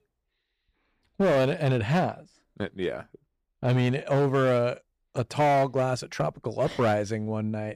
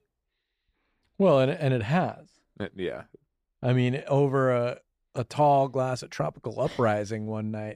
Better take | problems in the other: second | distortion; slight; 8% of the sound clipped

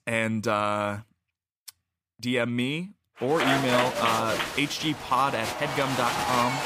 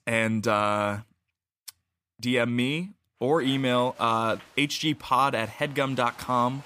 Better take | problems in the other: second | crowd noise; loud; from 3.5 s on; 2 dB below the speech; faint in the second

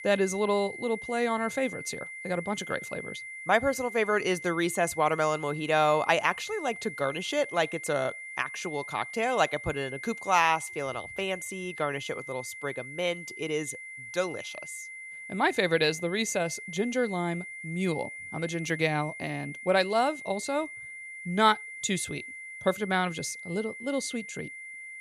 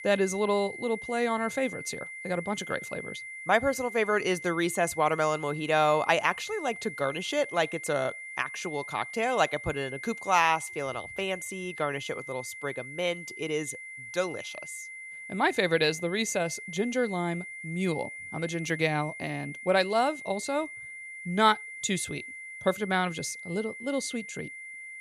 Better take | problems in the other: neither | high-pitched whine; noticeable; throughout; 2 kHz, 10 dB below the speech; the same in both

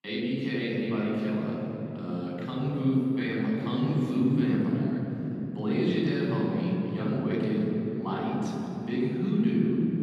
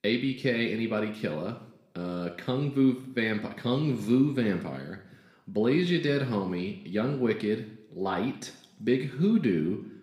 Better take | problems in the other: second | room echo; strong; dies away in 3 s; slight in the second // off-mic speech; far

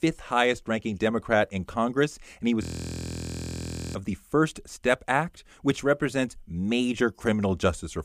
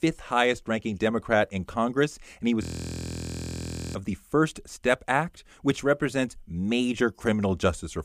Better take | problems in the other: neither | audio freezing; at 2.5 s for 1.5 s; the same in both

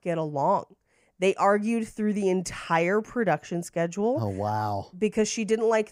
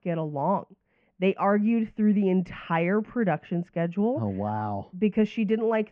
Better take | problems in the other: first | muffled; very; fading above 3 kHz

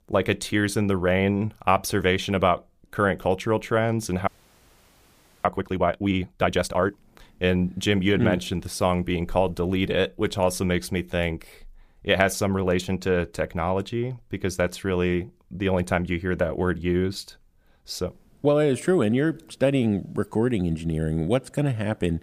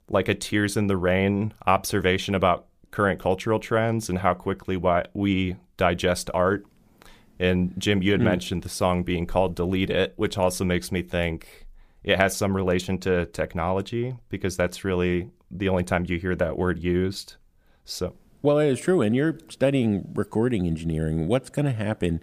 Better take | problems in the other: second | audio freezing; at 4.5 s for 1 s

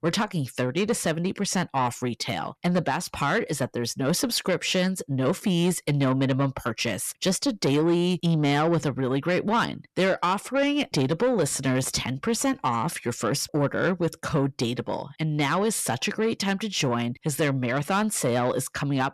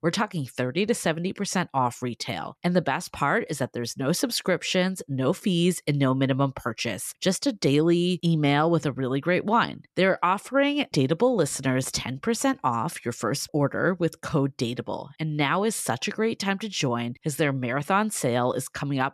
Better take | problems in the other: second | distortion; slight; 10 dB below the speech

